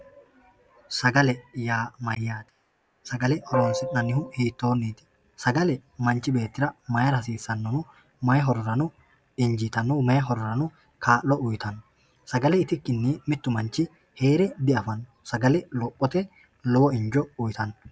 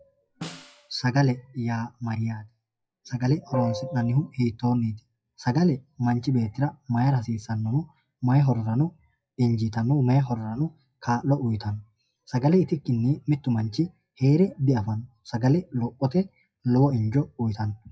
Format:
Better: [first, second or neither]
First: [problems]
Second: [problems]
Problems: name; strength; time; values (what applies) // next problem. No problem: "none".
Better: first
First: none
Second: noise reduction (classical method WPE with log-MMSE)